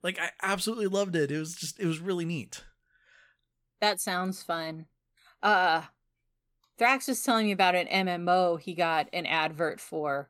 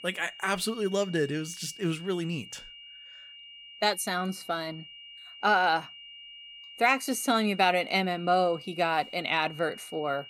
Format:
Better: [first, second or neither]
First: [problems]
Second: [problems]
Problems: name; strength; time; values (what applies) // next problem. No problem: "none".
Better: first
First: none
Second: high-pitched whine; noticeable; throughout; 3 kHz, 15 dB below the speech